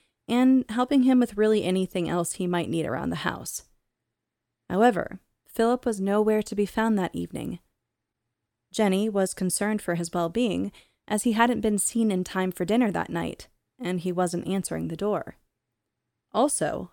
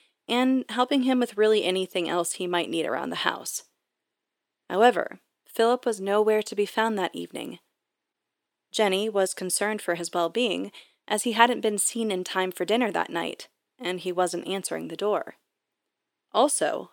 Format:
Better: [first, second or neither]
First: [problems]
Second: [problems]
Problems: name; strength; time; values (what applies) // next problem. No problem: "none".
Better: first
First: none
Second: thin; somewhat; fading below 400 Hz